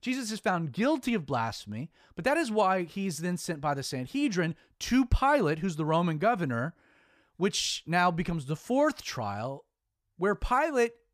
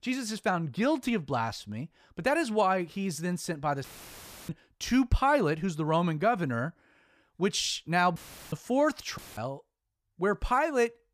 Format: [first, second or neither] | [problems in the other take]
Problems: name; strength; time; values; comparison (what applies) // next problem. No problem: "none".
first | audio cutting out; filled with static; at 4 s for 0.5 s, at 8 s and at 9 s